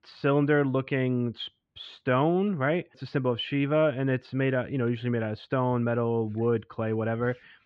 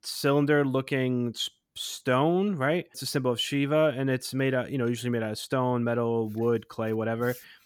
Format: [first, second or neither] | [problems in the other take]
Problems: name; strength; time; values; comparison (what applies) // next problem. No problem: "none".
second | muffled; very; fading above 3 kHz